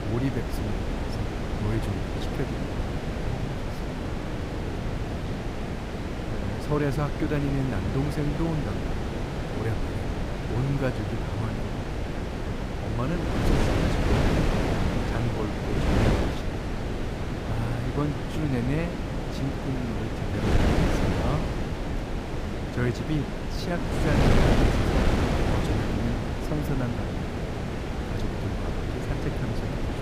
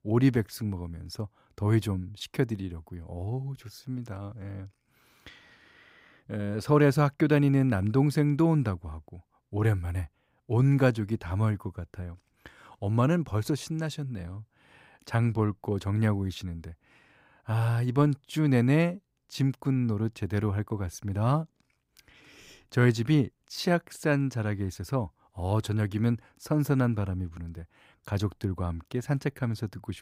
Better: second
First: wind noise on the microphone; heavy; 4 dB above the speech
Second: none

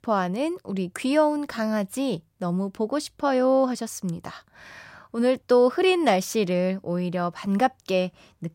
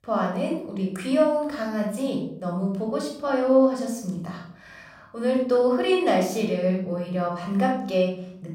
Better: first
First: none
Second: off-mic speech; somewhat distant // room echo; noticeable; dies away in 0.6 s

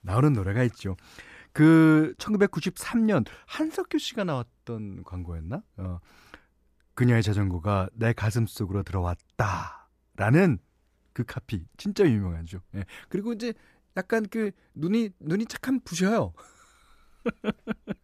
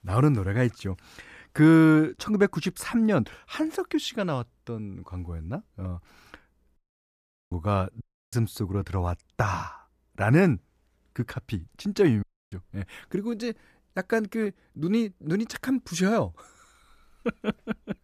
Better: first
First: none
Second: audio cutting out; at 7 s for 0.5 s, at 8 s and at 12 s

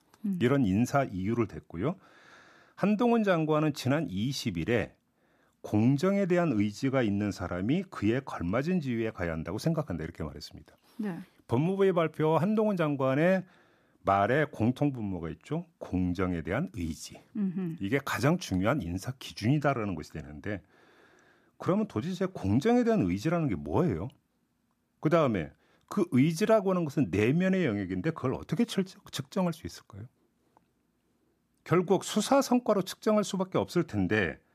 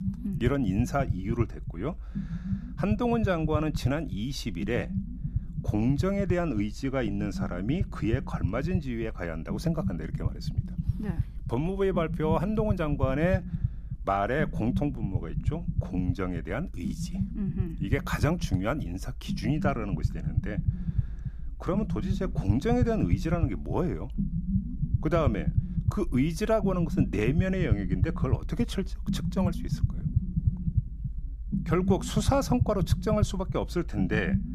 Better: first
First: none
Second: low rumble; noticeable; throughout; 10 dB below the speech

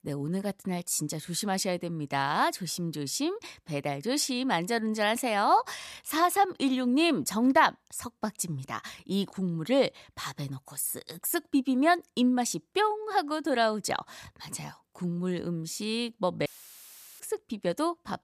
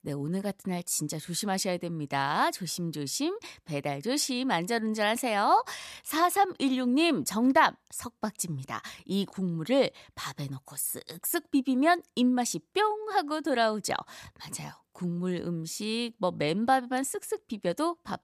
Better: second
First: audio cutting out; filled with static; at 16 s for 0.5 s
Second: none

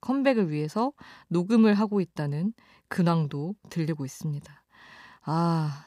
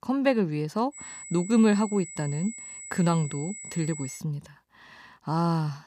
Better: first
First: none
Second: high-pitched whine; noticeable; from 1 to 4 s; 8 kHz, 10 dB below the speech

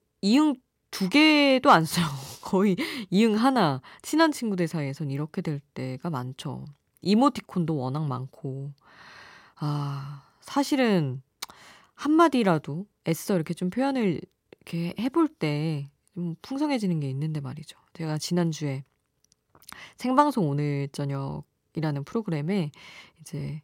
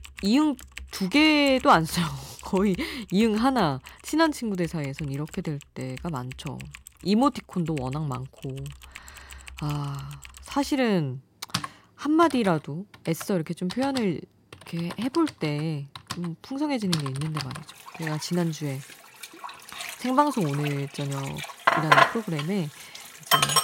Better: first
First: none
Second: household noises; loud; throughout; 3 dB below the speech

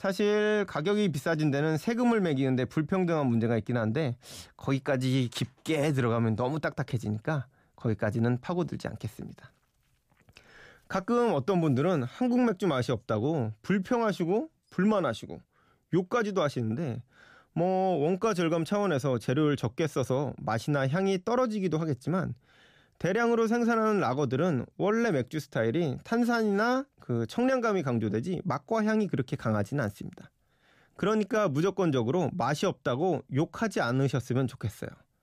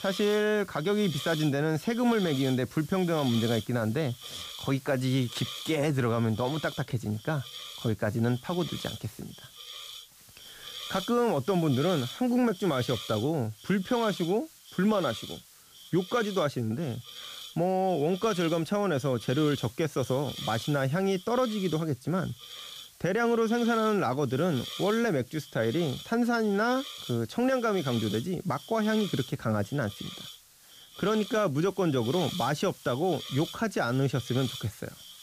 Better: first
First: none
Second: hiss; noticeable; throughout; 15 dB below the speech

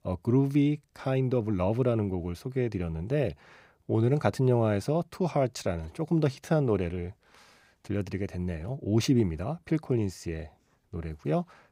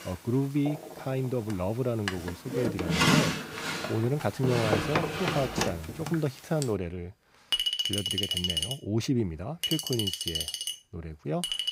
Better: first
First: none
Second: household noises; very loud; throughout; 2 dB above the speech

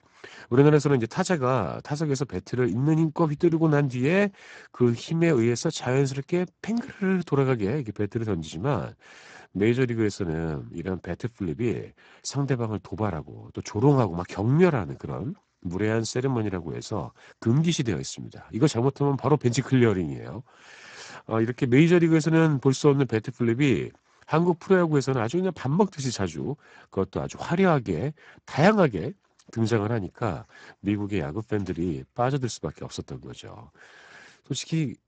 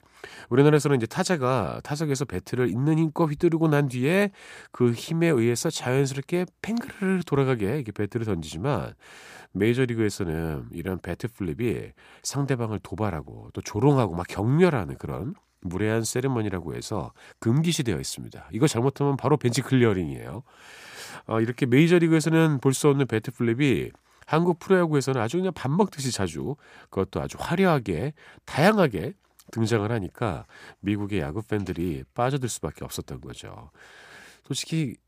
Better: second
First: garbled, watery; badly; nothing above 8 kHz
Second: none

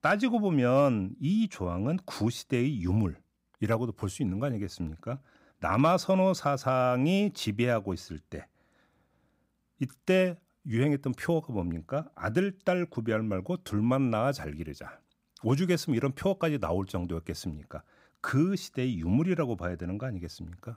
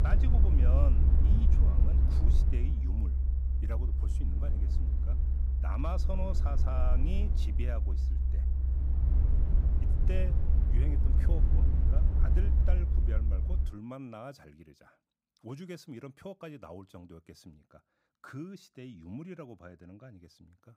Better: first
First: none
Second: low rumble; loud; until 14 s; 1 dB below the speech

